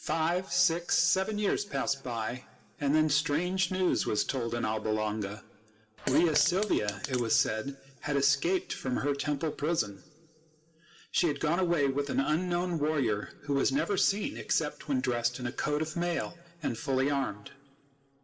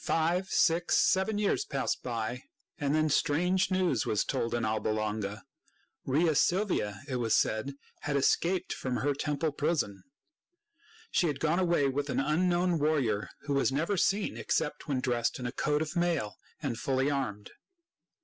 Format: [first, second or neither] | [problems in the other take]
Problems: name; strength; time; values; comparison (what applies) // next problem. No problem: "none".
second | background sound (Fart); 9 dB below the speech // room echo; dies away in 1.1 s